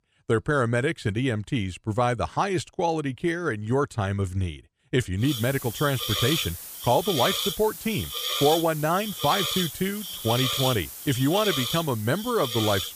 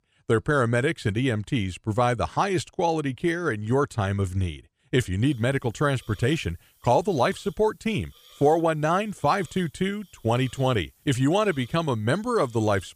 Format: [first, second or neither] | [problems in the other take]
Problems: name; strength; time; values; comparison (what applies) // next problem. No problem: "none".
second | hiss; loud; from 5.5 s on; 3 dB below the speech; faint in the second